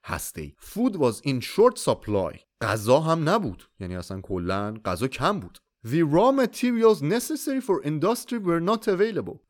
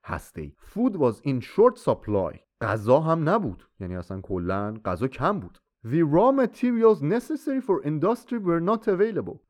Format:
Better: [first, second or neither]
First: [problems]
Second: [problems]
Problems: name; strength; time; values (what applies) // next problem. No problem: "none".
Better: first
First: none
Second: muffled; slightly; fading above 2.5 kHz